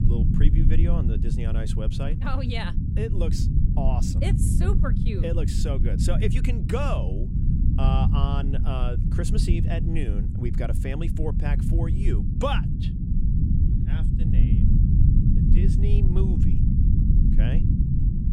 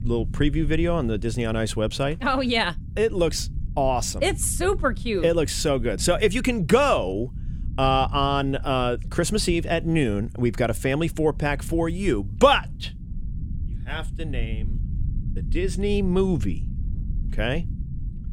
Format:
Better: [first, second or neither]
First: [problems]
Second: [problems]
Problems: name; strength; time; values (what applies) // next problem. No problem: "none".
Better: second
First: low rumble; loud; throughout; 2 dB below the speech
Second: low rumble; faint; throughout; 25 dB below the speech